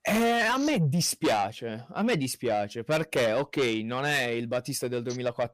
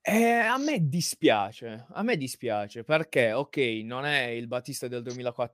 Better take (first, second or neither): second